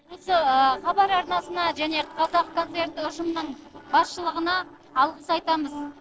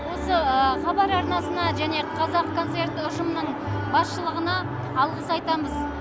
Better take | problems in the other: second | noise reduction (neural separator model SepFormer DNS4)

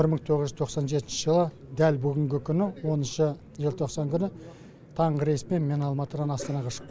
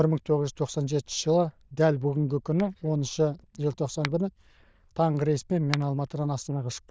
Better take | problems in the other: first | noise reduction (neural diffusion model UNIVERSE++)

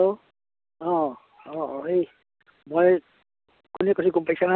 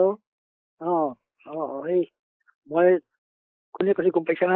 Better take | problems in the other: first | noise reduction (neural mask model Resemble Enhance denoiser)

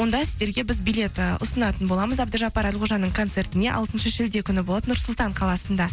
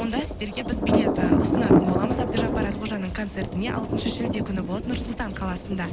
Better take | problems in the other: first | background sound (Thunder); 4 dB above the speech

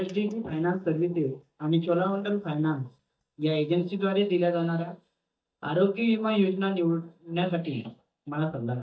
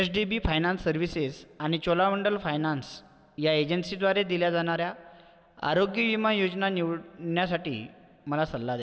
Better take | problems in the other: second | noise reduction (neural mask model DeepFilterNet 3)

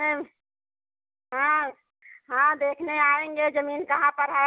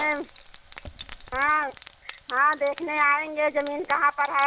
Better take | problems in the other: first | background sound (Frying (food)); 18 dB below the speech

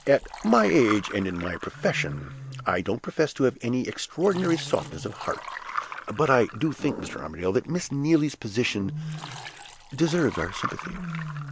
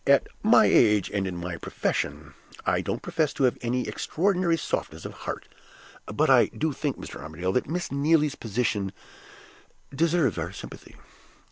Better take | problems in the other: second | background sound (Liquid + Wild animals); 12 dB below the speech

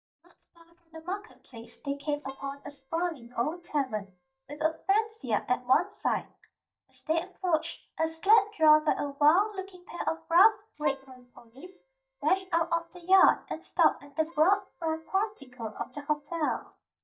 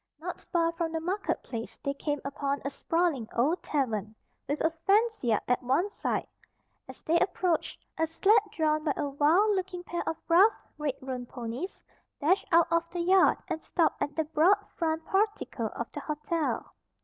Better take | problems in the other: second | noise reduction (neural mask model DeepFilterNet 3)

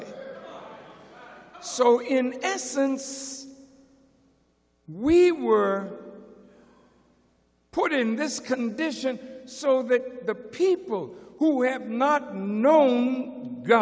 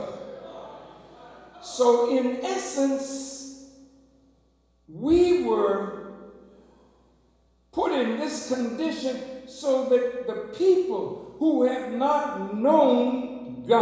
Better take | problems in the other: first | room echo; dies away in 1 s

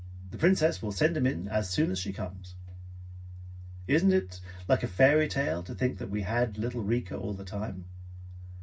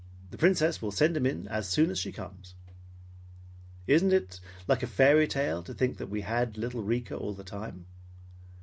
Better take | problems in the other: second | room echo; dies away in 0.4 s

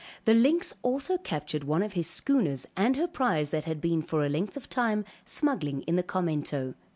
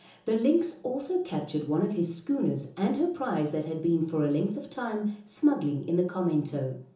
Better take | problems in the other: first | room echo; dies away in 1.2 s

